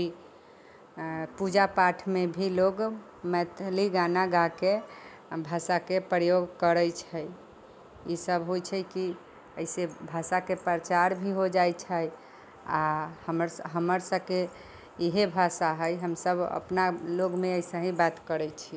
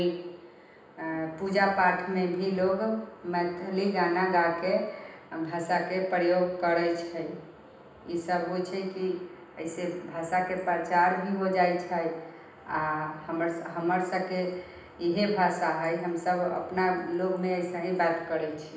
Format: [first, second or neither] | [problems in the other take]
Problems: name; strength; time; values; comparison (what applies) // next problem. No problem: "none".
first | room echo; dies away in 0.9 s